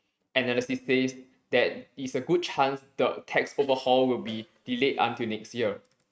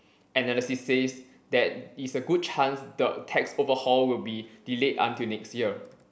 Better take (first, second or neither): second